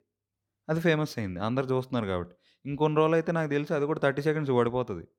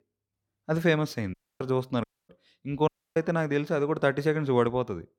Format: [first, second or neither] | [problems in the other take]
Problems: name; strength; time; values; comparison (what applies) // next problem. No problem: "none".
first | audio cutting out; at 1.5 s, at 2 s and at 3 s